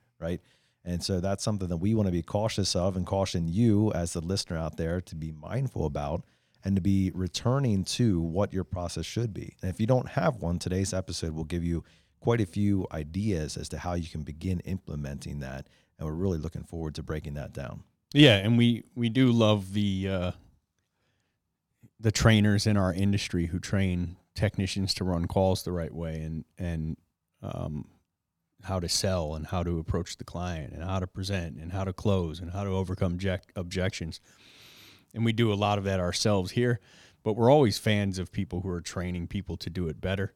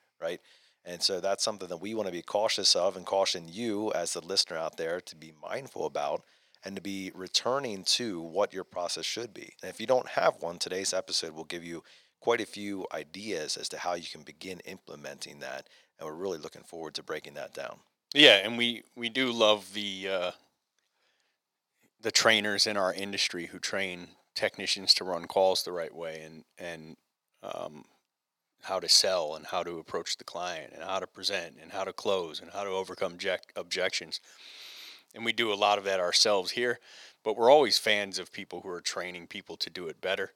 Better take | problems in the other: first | thin; very; fading below 550 Hz

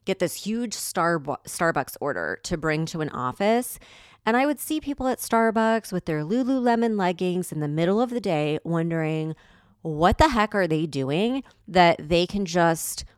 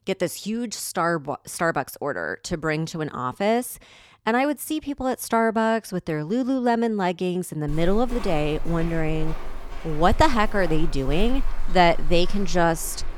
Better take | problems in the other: first | footsteps; noticeable; from 7.5 s on; peak 8 dB below the speech

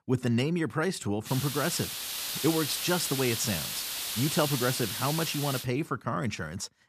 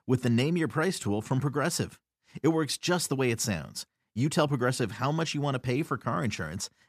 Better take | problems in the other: second | hiss; loud; from 1.5 to 5.5 s; 2 dB below the speech

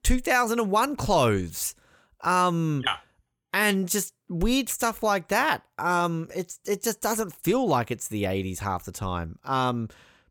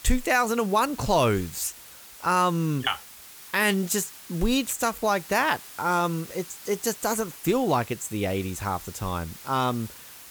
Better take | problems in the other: first | hiss; noticeable; throughout; 15 dB below the speech

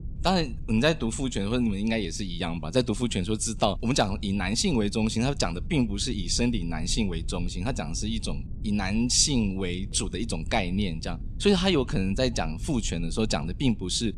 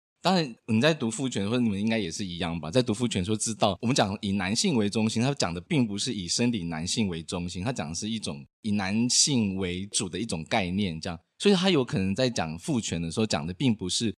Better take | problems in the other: second | low rumble; faint; throughout; 25 dB below the speech

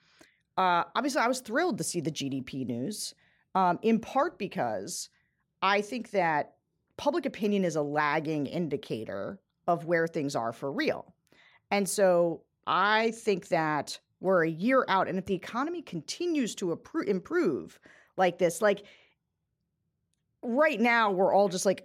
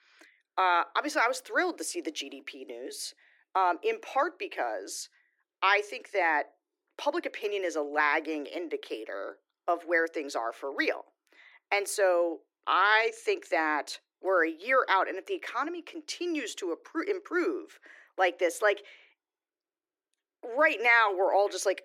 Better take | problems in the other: first | thin; somewhat; fading below 300 Hz

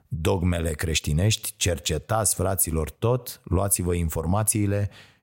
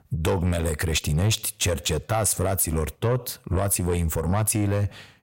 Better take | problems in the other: first | distortion; slight; 10 dB below the speech

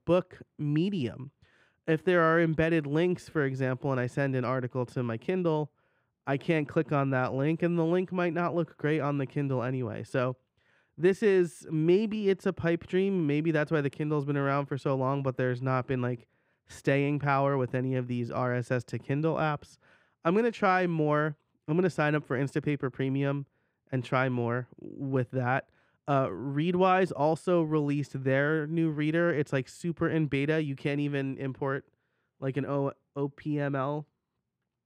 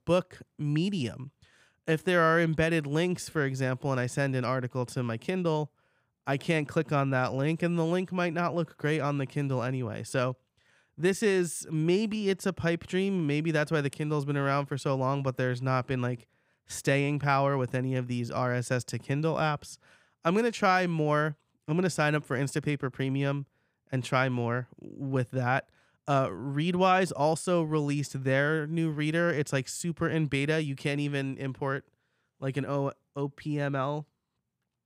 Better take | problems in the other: second | muffled; slightly; fading above 4 kHz

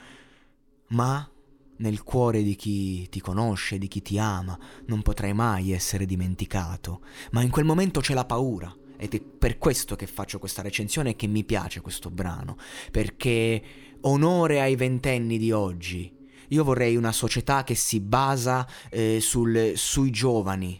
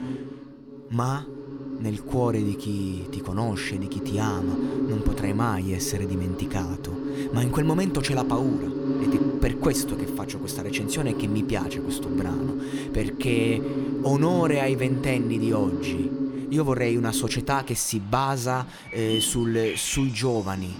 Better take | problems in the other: first | animal sounds; loud; throughout; 3 dB below the speech; faint in the first

